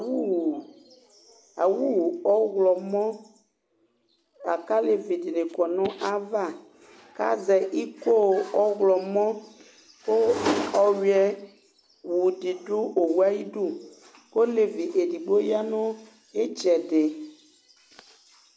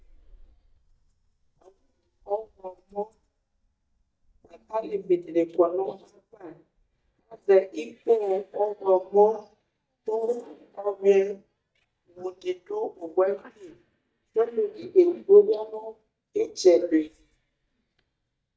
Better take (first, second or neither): first